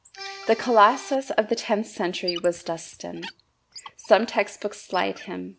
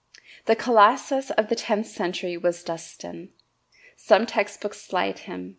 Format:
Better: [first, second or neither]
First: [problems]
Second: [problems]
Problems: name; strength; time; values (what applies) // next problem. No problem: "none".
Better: second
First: background sound (Squeak + Accordion); 17 dB below the speech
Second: none